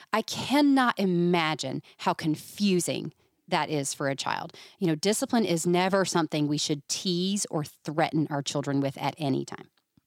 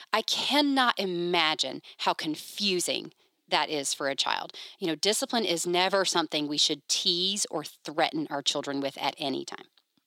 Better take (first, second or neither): first